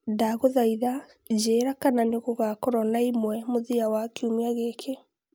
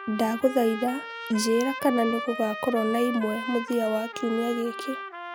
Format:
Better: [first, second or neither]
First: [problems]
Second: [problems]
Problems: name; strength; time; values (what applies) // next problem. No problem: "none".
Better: first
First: none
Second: background sound (Trumpet); 9 dB below the speech